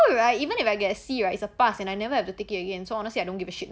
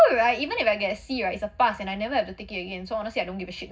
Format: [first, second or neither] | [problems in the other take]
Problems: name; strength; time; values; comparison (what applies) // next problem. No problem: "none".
first | room echo; dies away in 0.4 s